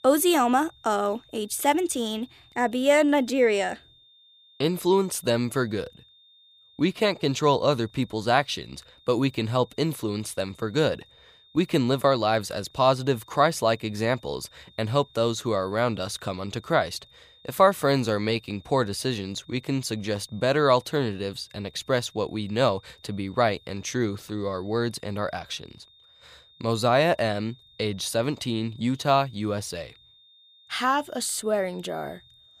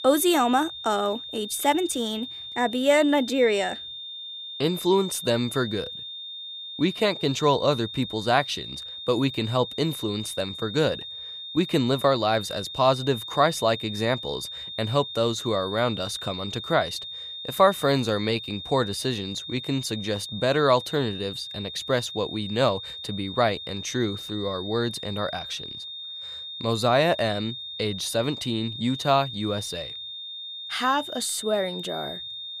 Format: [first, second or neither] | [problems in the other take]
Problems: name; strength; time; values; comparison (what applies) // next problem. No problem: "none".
first | high-pitched whine; loud; throughout; 3.5 kHz, 9 dB below the speech; faint in the first